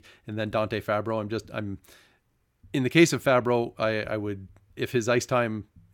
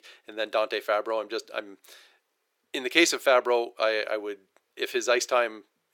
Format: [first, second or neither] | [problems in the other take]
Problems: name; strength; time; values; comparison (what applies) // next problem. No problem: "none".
first | thin; very; fading below 400 Hz